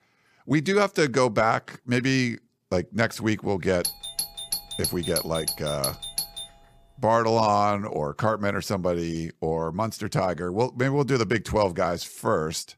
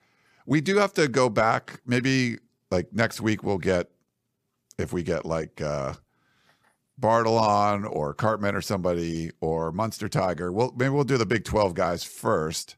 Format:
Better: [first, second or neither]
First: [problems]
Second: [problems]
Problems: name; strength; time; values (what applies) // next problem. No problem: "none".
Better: second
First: doorbell; noticeable; from 4 to 6.5 s; peak 2 dB below the speech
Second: none